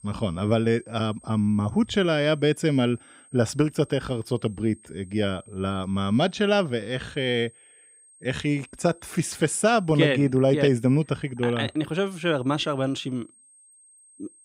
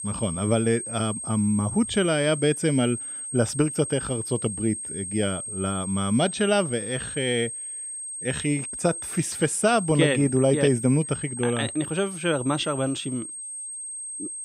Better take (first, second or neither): first